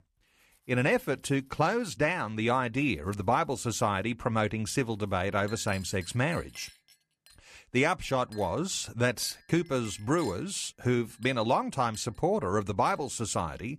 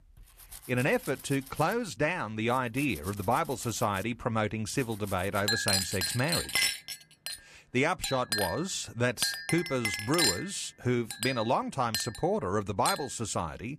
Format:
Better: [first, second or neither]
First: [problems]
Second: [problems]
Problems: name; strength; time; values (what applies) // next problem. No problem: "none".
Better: first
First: household noises; faint; throughout; 25 dB below the speech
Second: household noises; loud; throughout; 1 dB below the speech